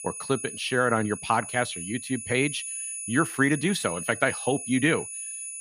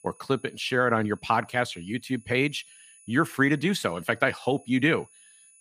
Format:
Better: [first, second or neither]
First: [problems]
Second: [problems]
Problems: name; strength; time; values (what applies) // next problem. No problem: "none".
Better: second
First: high-pitched whine; loud; throughout; 10 kHz, 8 dB below the speech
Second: high-pitched whine; faint; throughout; 10 kHz, 25 dB below the speech